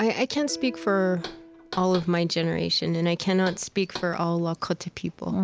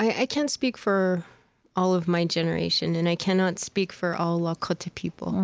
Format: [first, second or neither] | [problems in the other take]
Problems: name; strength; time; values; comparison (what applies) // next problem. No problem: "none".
second | background sound (Knock + Piano); 16 dB below the speech